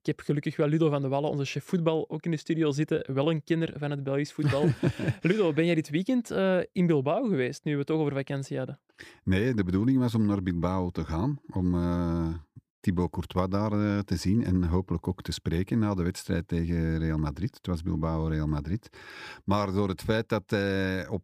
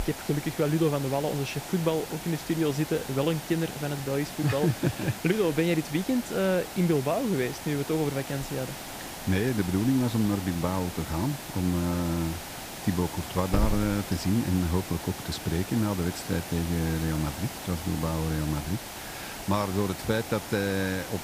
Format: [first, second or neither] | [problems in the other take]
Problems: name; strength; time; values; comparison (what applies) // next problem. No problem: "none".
first | hiss; loud; throughout; 9 dB below the speech